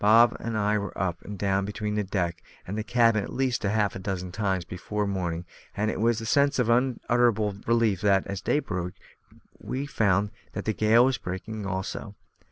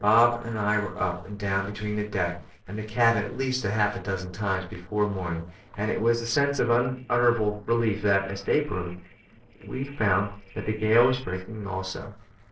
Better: first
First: none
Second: noise reduction (neural separator model SepFormer DNS4)

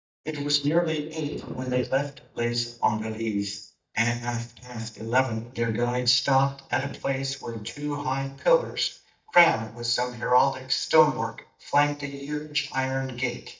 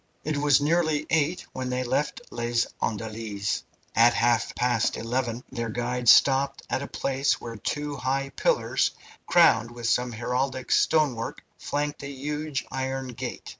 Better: second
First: noise reduction (neural mask model DeepFilterNet 3)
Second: none

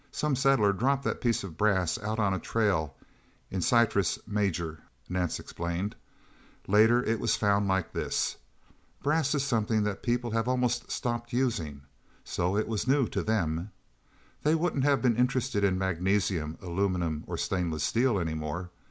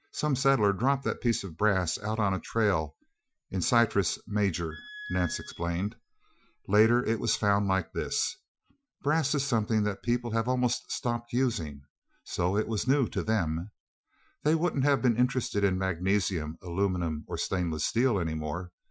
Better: first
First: none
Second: noise reduction (classical method Wiener filter)

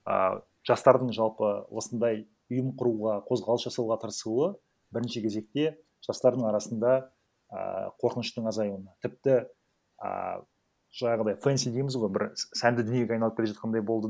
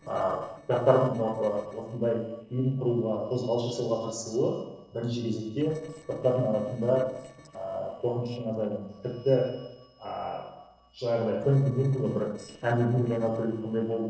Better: first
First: none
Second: noise reduction (neural separator model SepFormer DNS4)

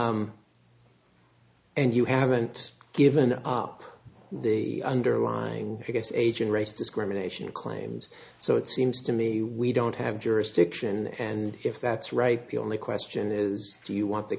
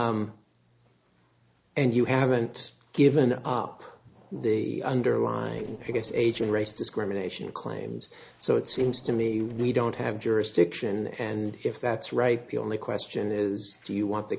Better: first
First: none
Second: noise reduction (neural separator model SepFormer DNS4)

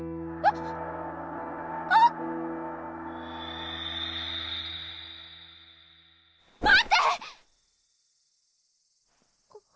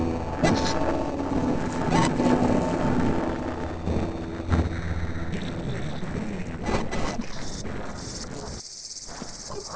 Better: first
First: none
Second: noise reduction (neural separator model SepFormer DNS4)

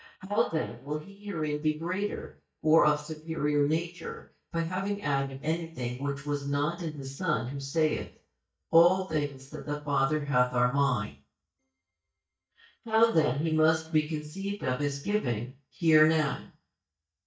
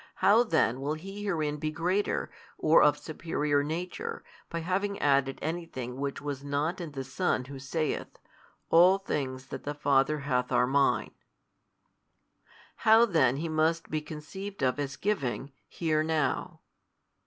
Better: second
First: noise reduction (neural mask model DeepFilterNet 3)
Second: none

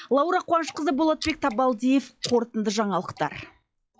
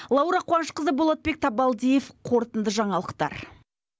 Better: second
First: noise reduction (classical method log-MMSE)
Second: none

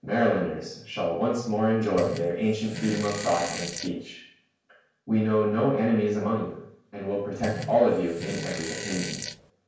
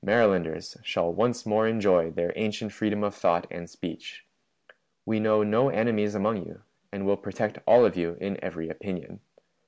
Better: second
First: background sound (Fart); 9 dB below the speech // room echo; dies away in 0.5 s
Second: none

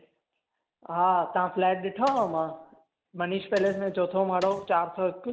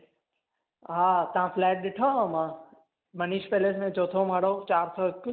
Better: second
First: background sound (Mechanisms); 20 dB below the speech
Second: none

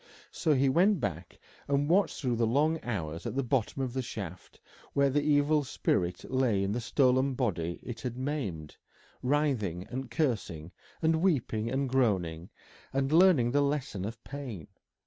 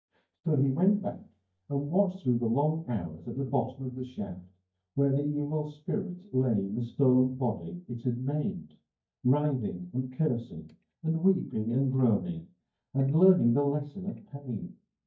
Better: first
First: none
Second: noise reduction (neural mask model DeepFilterNet 3)

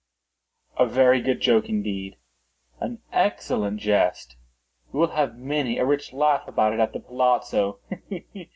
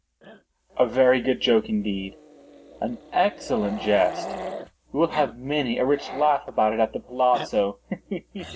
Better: first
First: none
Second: background sound (Growling); 15 dB below the speech

